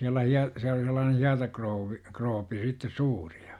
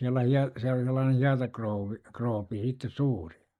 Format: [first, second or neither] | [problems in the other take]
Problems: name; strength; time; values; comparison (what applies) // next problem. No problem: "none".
first | noise reduction (neural mask model DeepFilterNet 3)